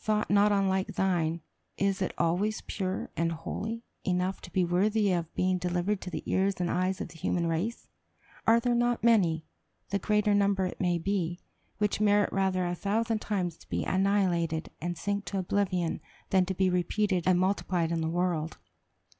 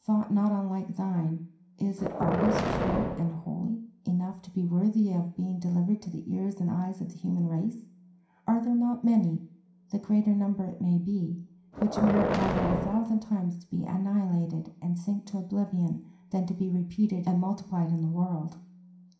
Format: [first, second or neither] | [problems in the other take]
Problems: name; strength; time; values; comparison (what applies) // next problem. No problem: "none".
first | background sound (Boom); 2 dB below the speech // room echo; dies away in 0.5 s